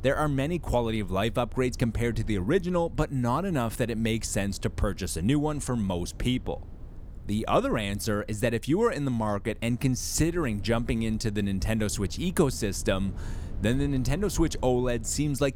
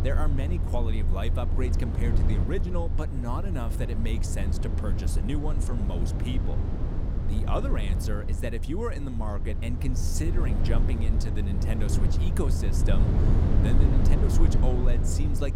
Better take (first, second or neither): first